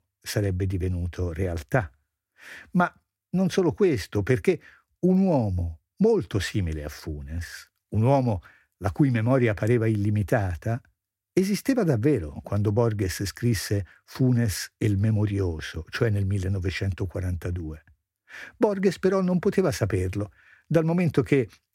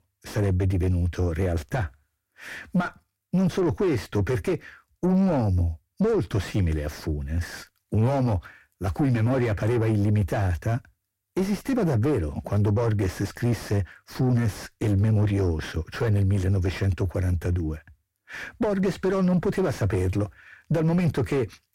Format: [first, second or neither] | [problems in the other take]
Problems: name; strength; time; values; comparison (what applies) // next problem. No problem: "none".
first | distortion; heavy; 6 dB below the speech